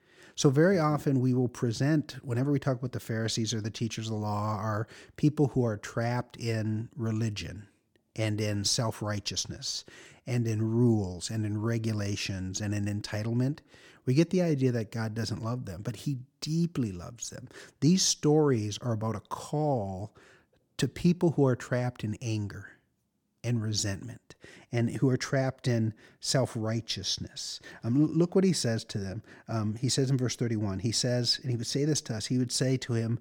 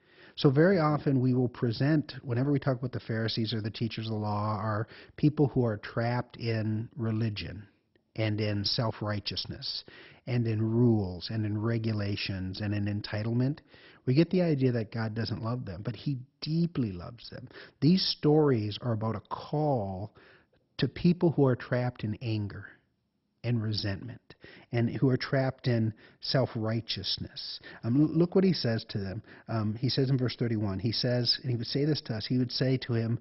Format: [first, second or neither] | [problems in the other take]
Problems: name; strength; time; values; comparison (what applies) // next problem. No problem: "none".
first | garbled, watery; badly; nothing above 5.5 kHz